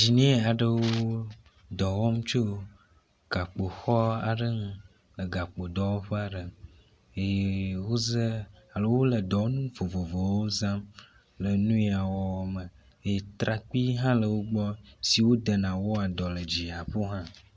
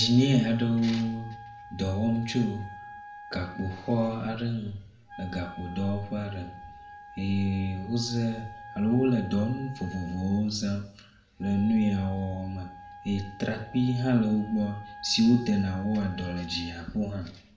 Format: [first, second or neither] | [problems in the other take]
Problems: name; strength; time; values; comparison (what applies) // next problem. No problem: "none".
first | background sound (Wind instrument, woodwind instrument); 17 dB below the speech // room echo; dies away in 0.6 s